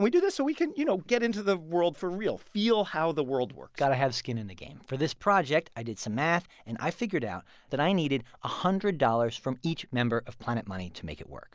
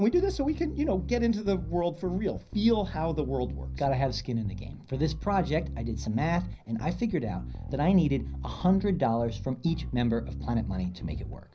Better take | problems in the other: first | background sound (Bass guitar); 9 dB below the speech // room echo; dies away in 0.5 s

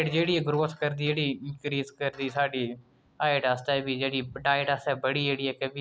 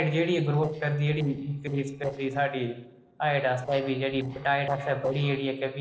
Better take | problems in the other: first | noise reduction (neural separator model SepFormer DNS4)

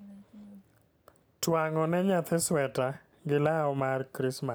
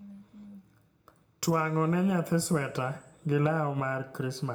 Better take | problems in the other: first | room echo; dies away in 0.5 s

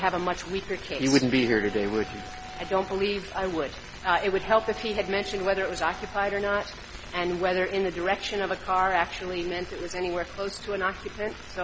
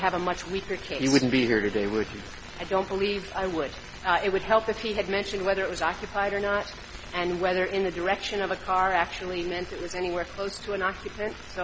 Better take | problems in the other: second | background sound (Wind instrument, woodwind instrument); 18 dB below the speech

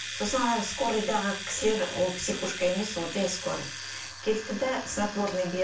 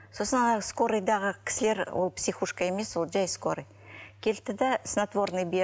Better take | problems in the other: second | background sound (Domestic sounds, home sounds); 9 dB below the speech // room echo; dies away in 0.3 s

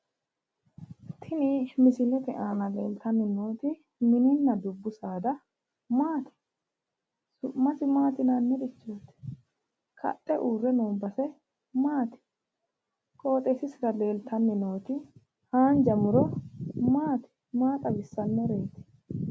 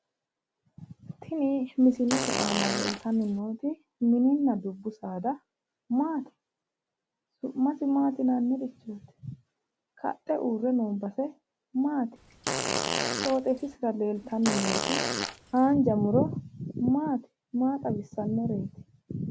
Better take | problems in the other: first | background sound (Fart); 3 dB below the speech

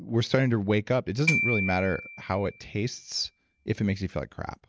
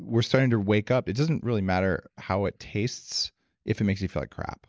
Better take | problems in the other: second | background sound (Glockenspiel); 6 dB below the speech

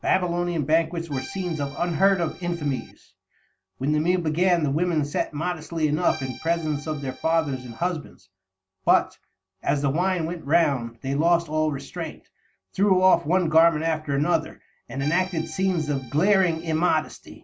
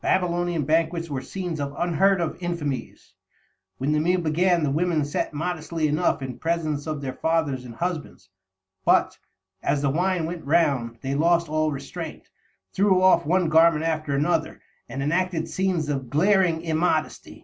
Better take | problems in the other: second | background sound (Accordion); 18 dB below the speech

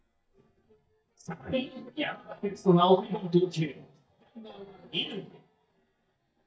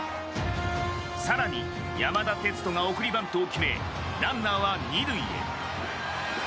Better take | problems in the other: second | noise reduction (neural mask model DeepFilterNet 3)

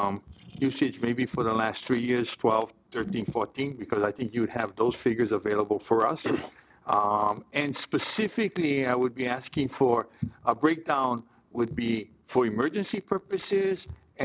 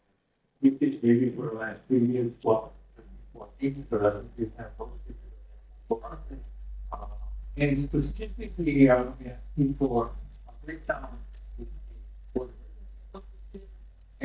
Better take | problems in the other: first | noise reduction (neural mask model DeepFilterNet 3)

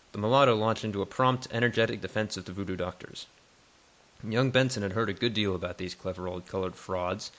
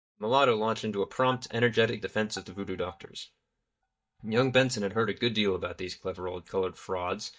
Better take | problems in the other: first | noise reduction (neural mask model DeepFilterNet 3)

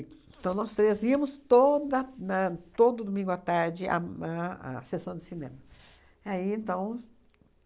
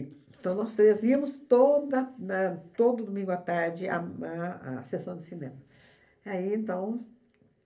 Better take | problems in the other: first | room echo; dies away in 0.3 s

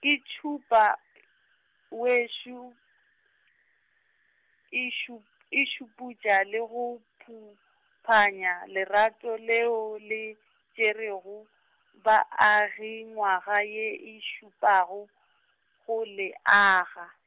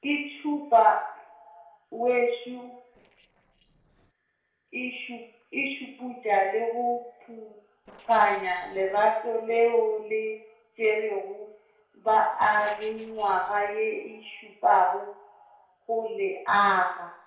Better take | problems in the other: first | noise reduction (neural separator model SepFormer DNS4)

